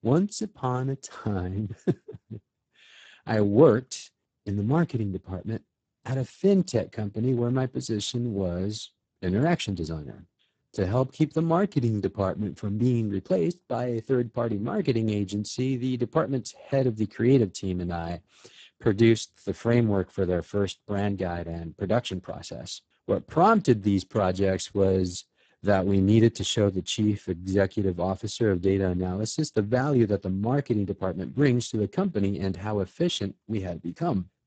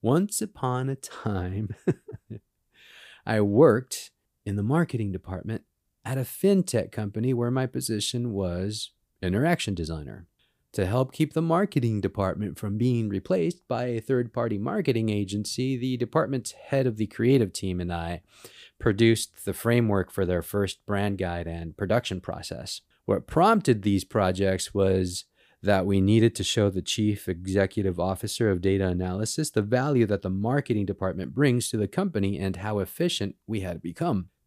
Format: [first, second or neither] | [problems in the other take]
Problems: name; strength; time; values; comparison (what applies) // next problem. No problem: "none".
second | garbled, watery; badly; nothing above 8 kHz